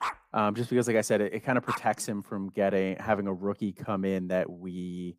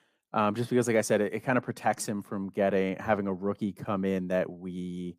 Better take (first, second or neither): second